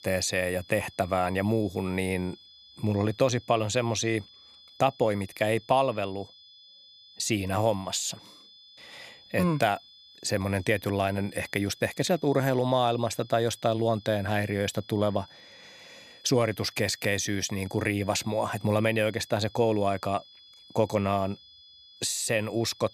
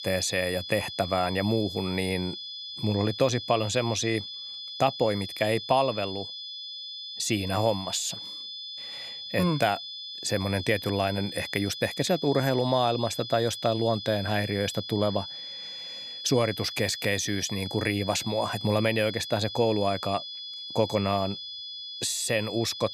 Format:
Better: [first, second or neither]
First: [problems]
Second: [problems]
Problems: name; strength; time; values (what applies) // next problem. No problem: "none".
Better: first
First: high-pitched whine; faint; throughout; 3.5 kHz, 25 dB below the speech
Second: high-pitched whine; loud; throughout; 3.5 kHz, 8 dB below the speech